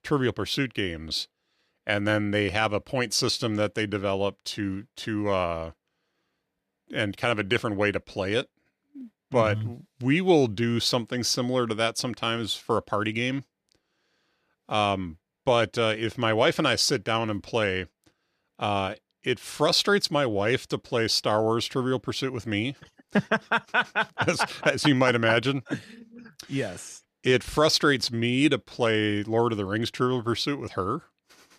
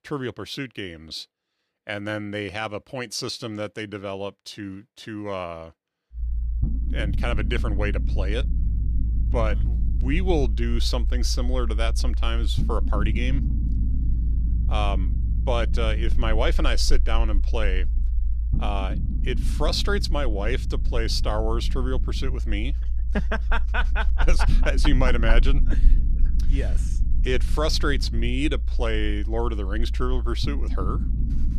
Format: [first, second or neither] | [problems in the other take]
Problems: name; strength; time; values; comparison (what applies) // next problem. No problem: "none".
first | low rumble; noticeable; from 6 s on; 15 dB below the speech